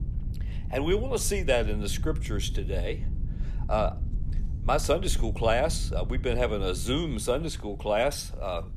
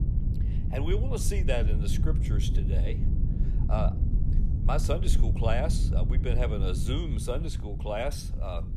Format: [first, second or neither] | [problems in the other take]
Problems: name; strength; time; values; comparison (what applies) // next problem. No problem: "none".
first | low rumble; loud; throughout; 8 dB below the speech; faint in the first